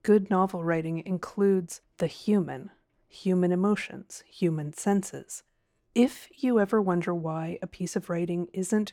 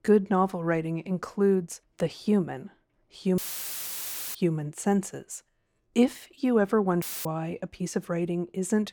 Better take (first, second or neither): first